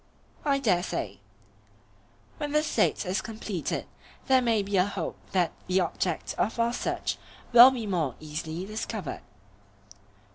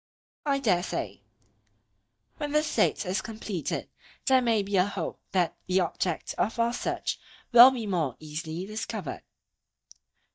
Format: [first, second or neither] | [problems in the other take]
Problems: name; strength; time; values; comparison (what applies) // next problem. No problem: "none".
first | noise reduction (neural mask model DeepFilterNet 3)